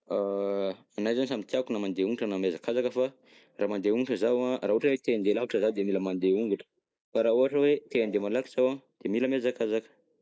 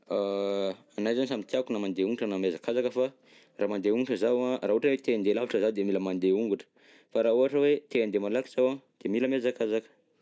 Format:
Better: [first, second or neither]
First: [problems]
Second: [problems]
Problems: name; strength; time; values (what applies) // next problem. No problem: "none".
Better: second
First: noise reduction (neural mask model Resemble Enhance denoiser)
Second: none